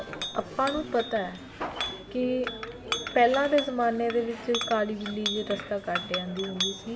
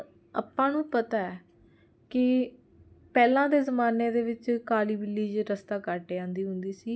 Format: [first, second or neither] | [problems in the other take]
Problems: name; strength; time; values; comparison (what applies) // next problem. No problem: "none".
second | background sound (Chink, clink); 7 dB below the speech // room echo; dies away in 0.9 s